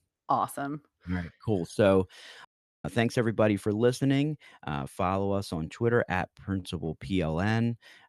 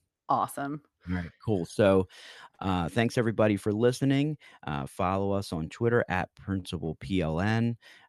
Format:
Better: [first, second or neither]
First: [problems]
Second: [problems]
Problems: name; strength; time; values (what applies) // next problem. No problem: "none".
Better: second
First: audio cutting out; at 2.5 s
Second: none